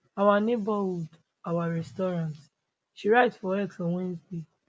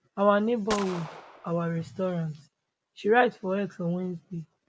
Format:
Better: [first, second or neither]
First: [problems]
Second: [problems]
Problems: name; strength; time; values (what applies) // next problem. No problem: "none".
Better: first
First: none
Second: background sound (Gunshot, gunfire); 12 dB below the speech